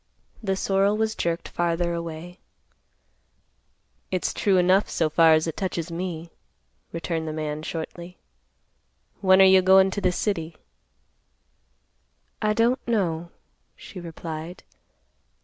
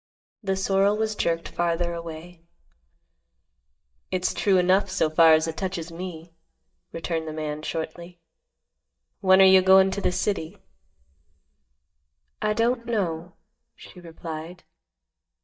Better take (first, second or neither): first